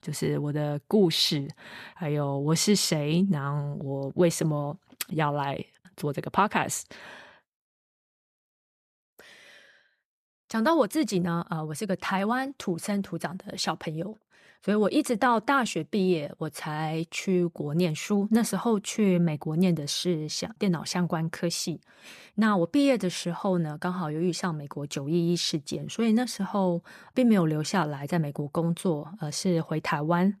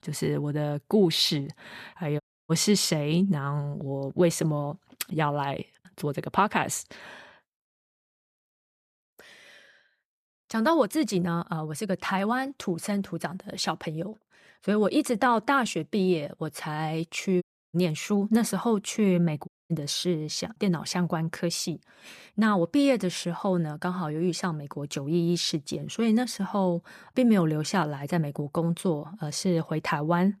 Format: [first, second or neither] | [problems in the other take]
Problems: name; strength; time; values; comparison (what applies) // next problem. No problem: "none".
first | audio cutting out; at 2 s, at 17 s and at 19 s